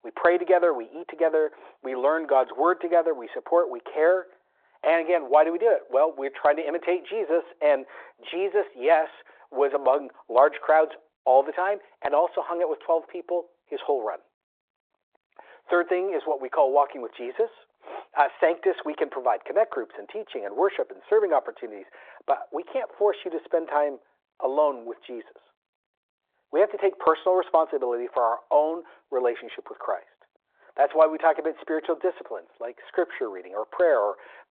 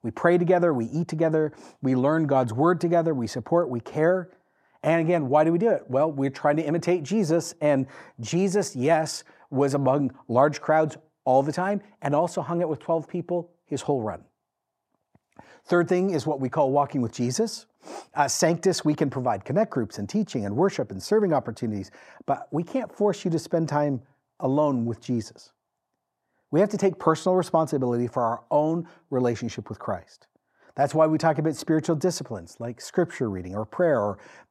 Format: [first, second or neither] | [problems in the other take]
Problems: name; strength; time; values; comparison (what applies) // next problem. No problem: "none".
second | phone-call audio